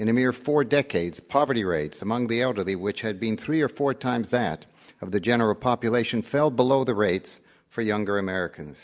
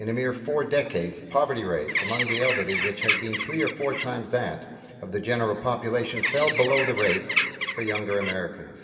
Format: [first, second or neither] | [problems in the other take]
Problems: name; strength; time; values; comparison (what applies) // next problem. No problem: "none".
first | background sound (Bird); 1 dB below the speech // room echo; dies away in 2.7 s